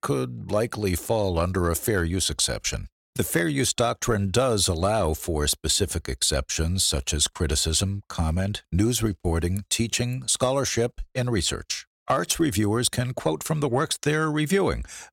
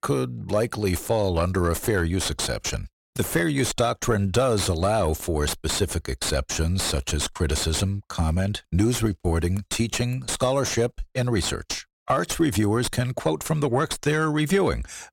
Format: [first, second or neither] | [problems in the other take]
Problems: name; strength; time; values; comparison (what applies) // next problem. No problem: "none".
first | distortion; slight; 9 dB below the speech